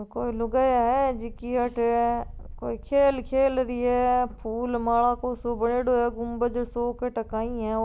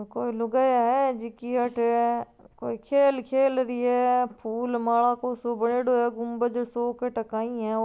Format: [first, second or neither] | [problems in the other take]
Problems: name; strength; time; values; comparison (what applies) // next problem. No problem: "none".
second | background sound (Purr); 15 dB below the speech